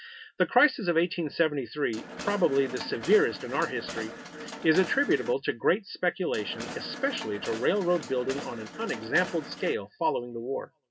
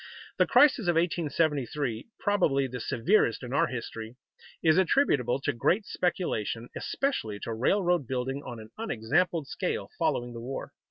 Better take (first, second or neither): second